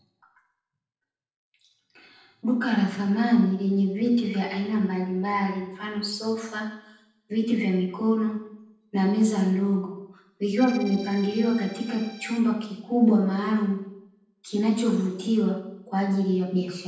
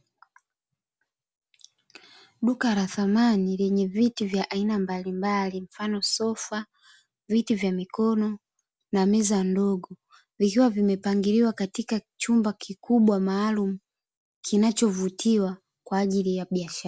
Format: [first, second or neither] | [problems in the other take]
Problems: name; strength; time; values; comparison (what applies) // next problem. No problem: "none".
second | noise reduction (neural separator model SepFormer DNS4)